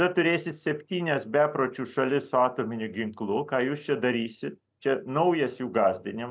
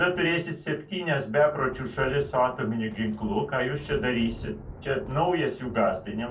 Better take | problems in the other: first | background sound (Thunder); 16 dB below the speech // room echo; dies away in 0.2 s

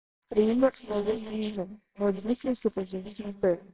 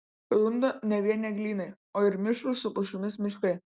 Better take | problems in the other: second | noise reduction (neural separator model SepFormer WHAMR!)

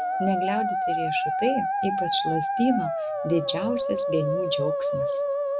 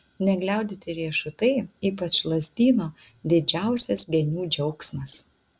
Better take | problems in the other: second | background sound (Musical instrument); 2 dB above the speech

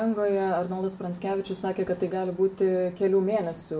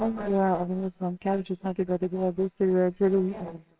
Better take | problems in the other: first | noise reduction (neural separator model SepFormer WHAMR!)

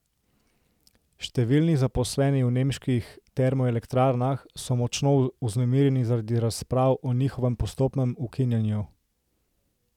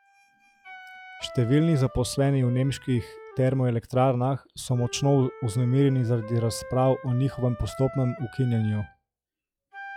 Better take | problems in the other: first | noise reduction (classical method log-MMSE)

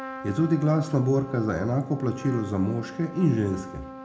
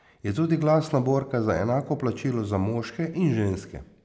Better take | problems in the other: second | background sound (Trumpet); 14 dB below the speech // room echo; dies away in 0.4 s

